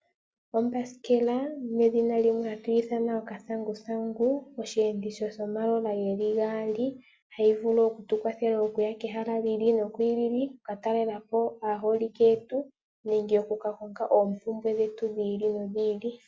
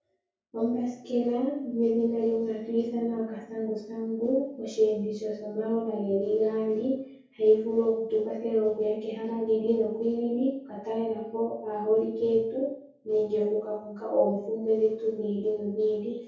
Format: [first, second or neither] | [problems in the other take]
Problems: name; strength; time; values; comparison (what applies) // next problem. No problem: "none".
first | room echo; dies away in 0.6 s